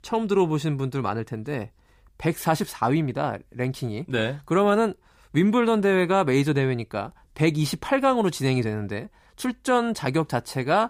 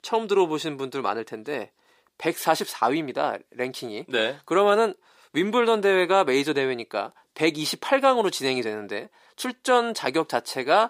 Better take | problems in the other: first | thin; somewhat; fading below 400 Hz

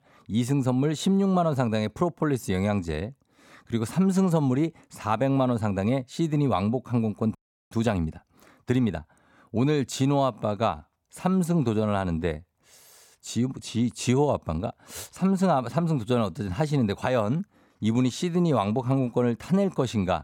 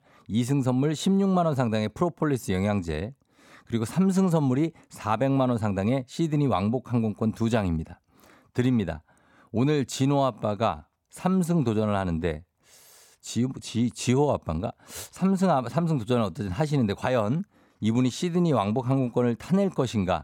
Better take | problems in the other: second | audio freezing; at 7.5 s

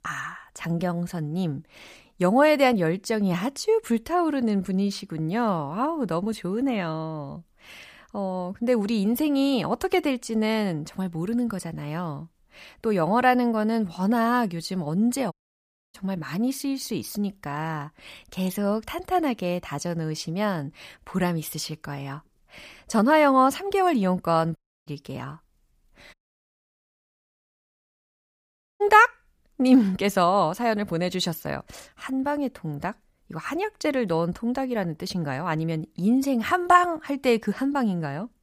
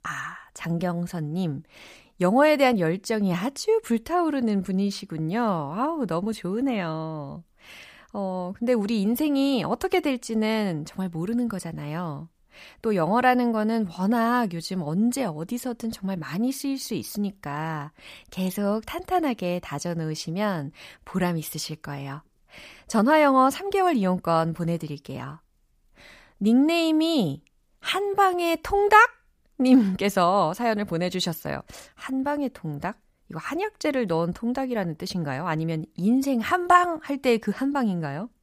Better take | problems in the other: second | audio cutting out; at 15 s for 0.5 s, at 25 s and at 26 s for 2.5 s

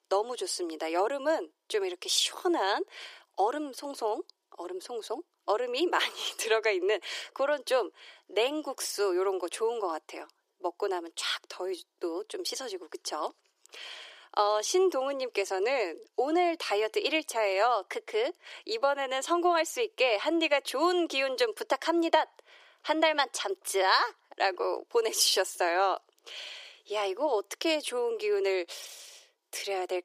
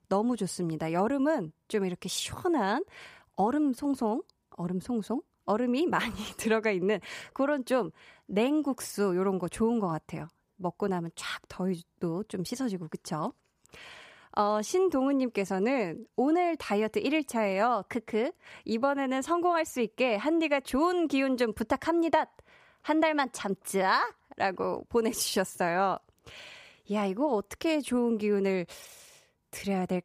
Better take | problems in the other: second | thin; very; fading below 350 Hz

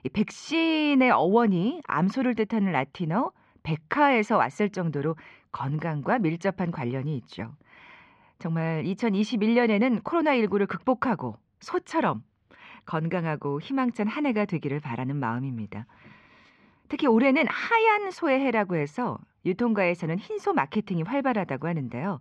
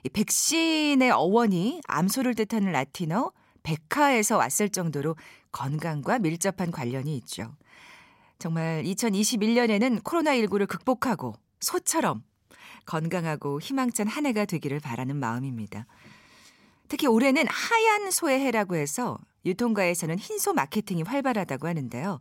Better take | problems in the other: second | muffled; very; fading above 3 kHz

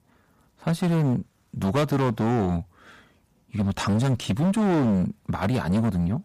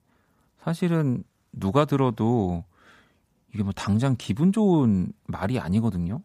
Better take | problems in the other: second | distortion; heavy; 18% of the sound clipped

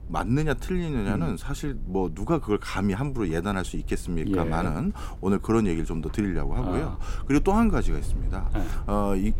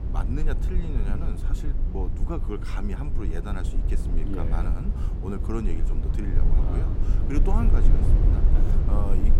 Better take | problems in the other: first | low rumble; loud; throughout; 3 dB below the speech; faint in the first

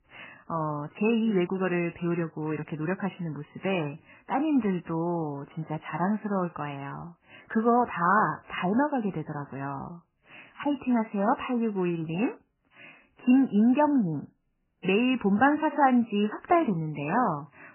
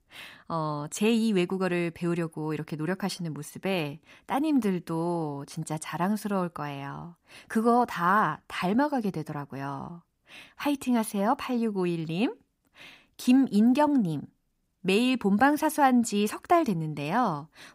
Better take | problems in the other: second | garbled, watery; badly; nothing above 3 kHz

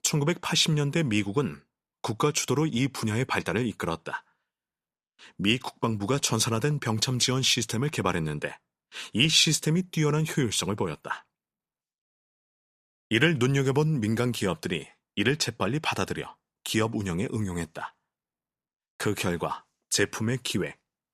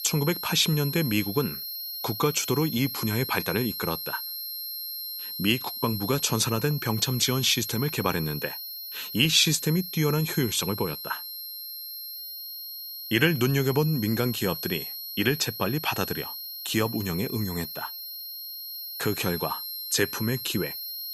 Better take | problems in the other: first | high-pitched whine; loud; throughout; 4 kHz, 7 dB below the speech

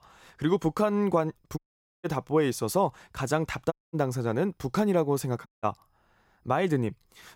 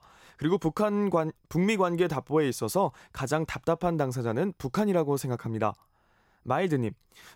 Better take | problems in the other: second | audio cutting out; at 1.5 s, at 3.5 s and at 5.5 s

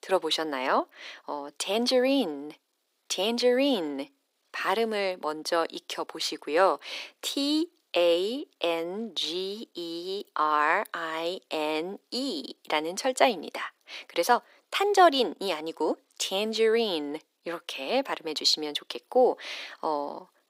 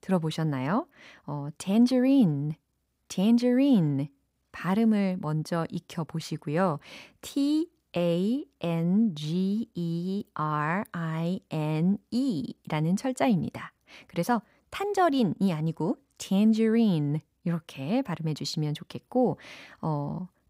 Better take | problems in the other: second | thin; very; fading below 350 Hz

